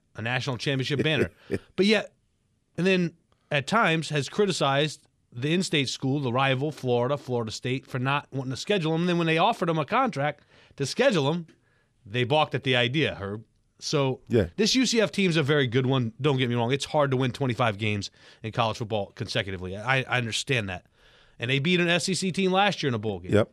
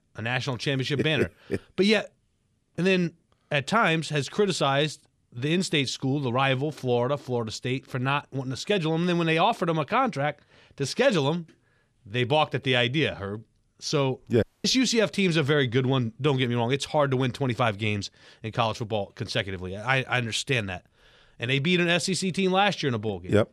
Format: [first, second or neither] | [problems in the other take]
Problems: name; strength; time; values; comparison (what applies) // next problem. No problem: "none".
first | audio cutting out; at 14 s